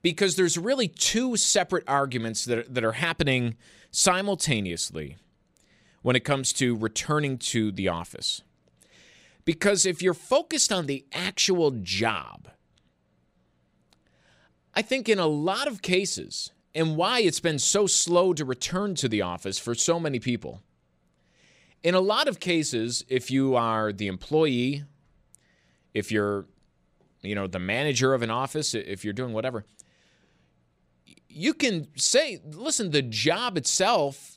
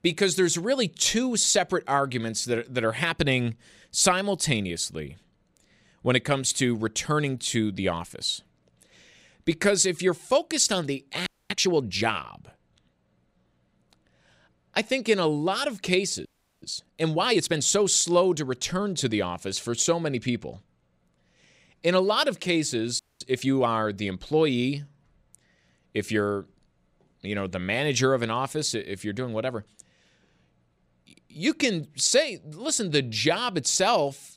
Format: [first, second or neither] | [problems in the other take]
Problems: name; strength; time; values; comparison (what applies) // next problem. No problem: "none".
first | audio freezing; at 11 s, at 16 s and at 23 s